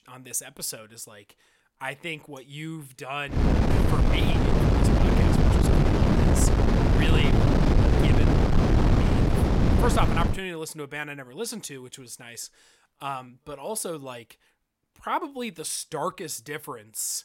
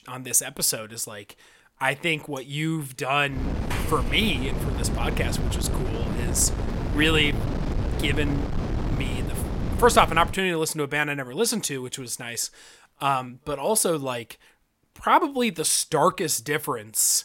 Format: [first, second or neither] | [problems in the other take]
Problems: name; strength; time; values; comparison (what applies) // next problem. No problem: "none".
second | wind noise on the microphone; heavy; from 3.5 to 10 s; 5 dB above the speech; occasional gusts in the second